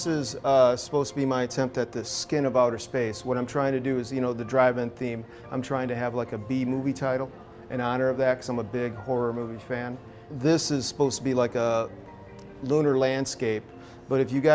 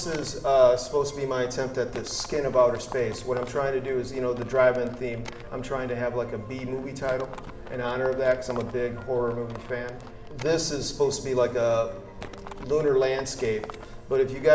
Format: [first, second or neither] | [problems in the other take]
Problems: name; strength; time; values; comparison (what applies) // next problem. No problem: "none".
first | background sound (Livestock, farm animals, working animals); 16 dB below the speech // room echo; dies away in 1.4 s